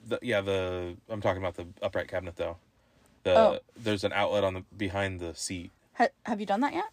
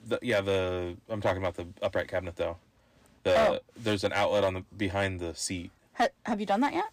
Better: first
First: none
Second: distortion; slight; 3% of the sound clipped

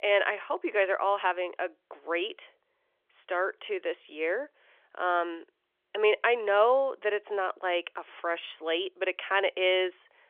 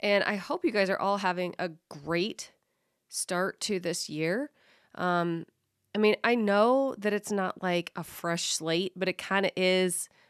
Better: second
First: phone-call audio; nothing above 3.5 kHz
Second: none

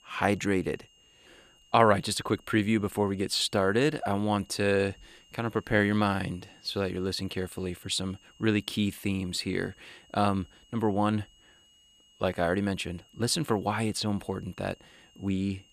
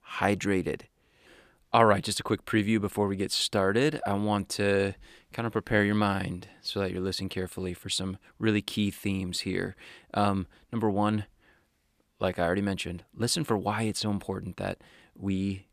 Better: second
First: high-pitched whine; faint; throughout; 3 kHz, 30 dB below the speech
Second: none

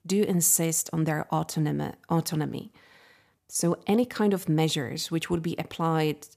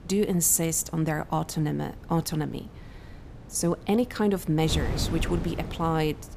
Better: first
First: none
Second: wind noise on the microphone; occasional gusts; 15 dB below the speech

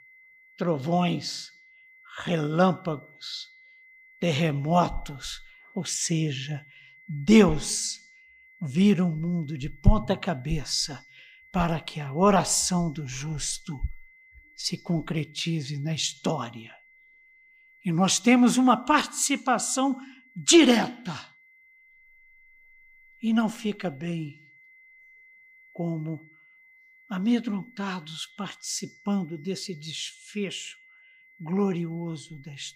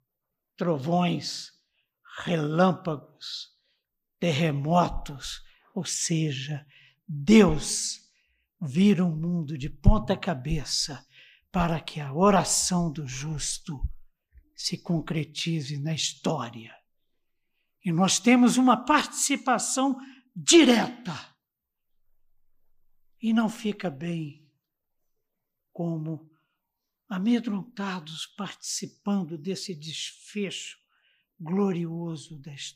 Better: second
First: high-pitched whine; faint; throughout; 2 kHz, 25 dB below the speech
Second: none

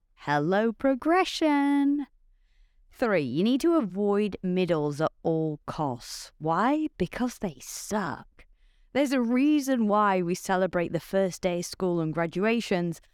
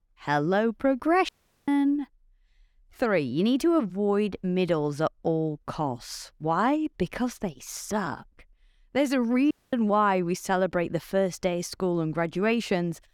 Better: first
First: none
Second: audio cutting out; at 1.5 s and at 9.5 s

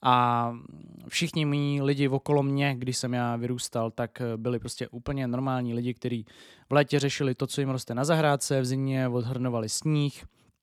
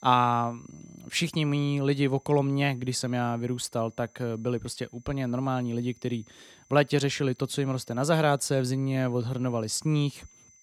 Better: first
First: none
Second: high-pitched whine; faint; throughout; 6 kHz, 30 dB below the speech

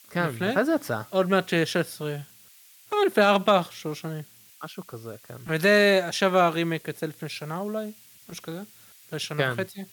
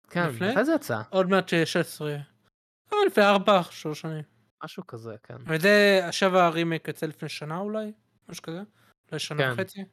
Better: second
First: hiss; faint; throughout; 25 dB below the speech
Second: none

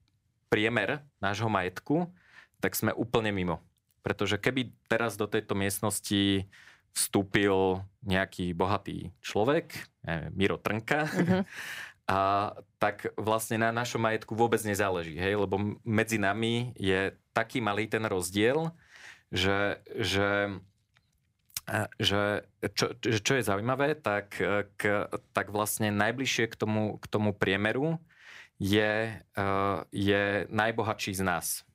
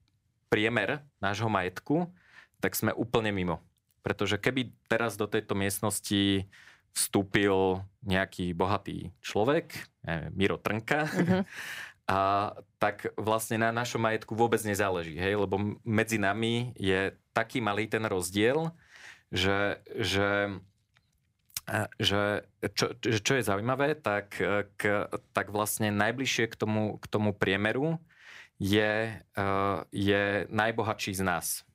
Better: neither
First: none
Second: none

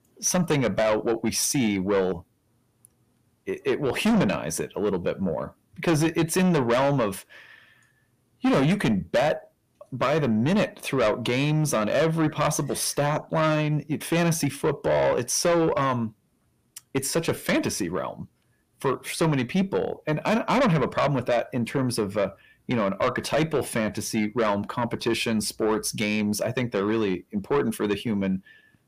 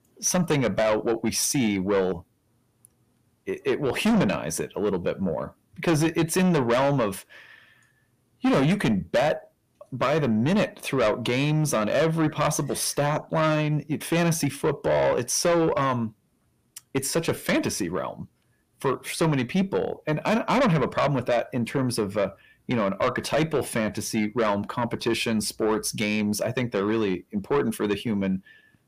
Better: neither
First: distortion; heavy; 8 dB below the speech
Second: distortion; heavy; 8 dB below the speech

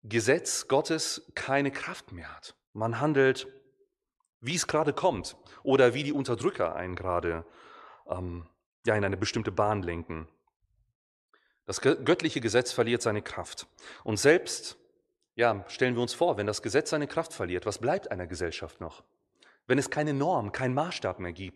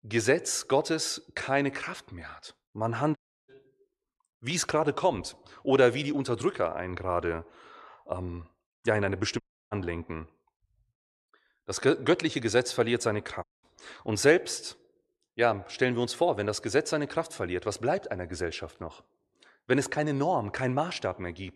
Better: first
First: none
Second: audio cutting out; at 3 s, at 9.5 s and at 13 s

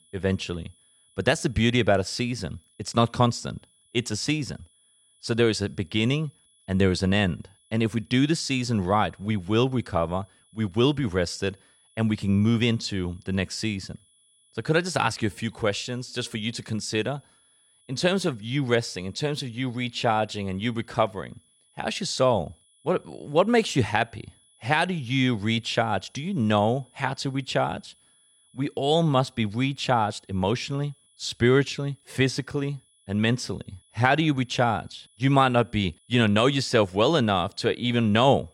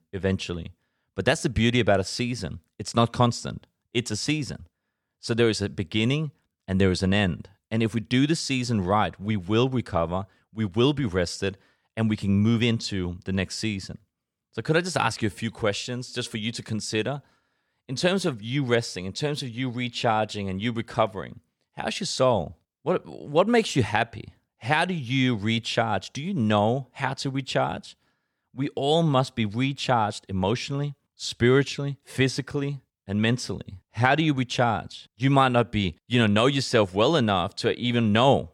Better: second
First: high-pitched whine; faint; throughout; 3.5 kHz, 35 dB below the speech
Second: none

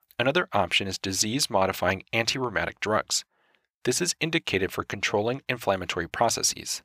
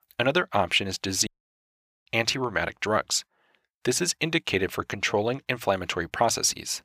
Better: first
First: none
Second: audio cutting out; at 1.5 s for 1 s

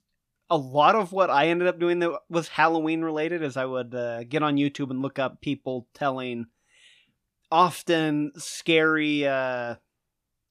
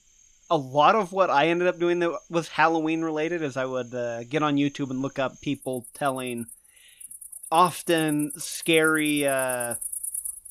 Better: first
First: none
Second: animal sounds; loud; throughout; 10 dB below the speech

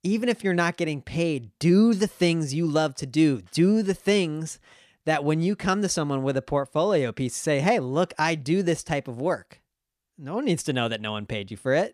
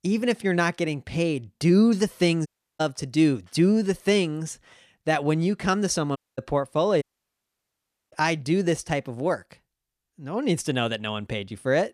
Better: first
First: none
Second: audio cutting out; at 2.5 s, at 6 s and at 7 s for 1 s

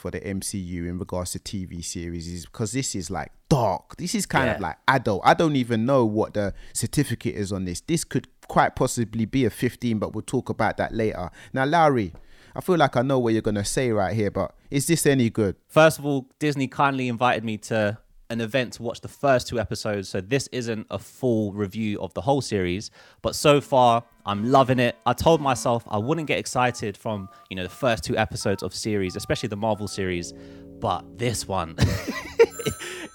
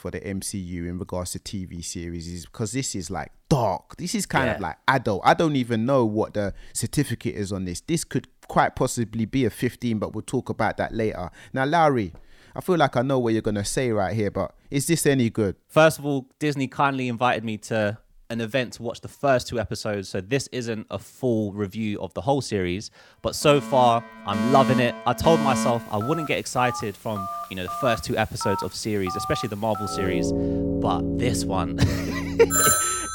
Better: first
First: alarms or sirens; faint; from 24 s on; 20 dB below the speech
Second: alarms or sirens; loud; from 24 s on; 3 dB below the speech

